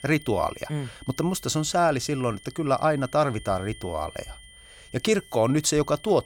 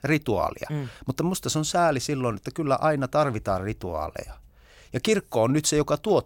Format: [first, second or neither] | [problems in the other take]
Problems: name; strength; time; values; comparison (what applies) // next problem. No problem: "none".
second | high-pitched whine; faint; throughout; 3 kHz, 20 dB below the speech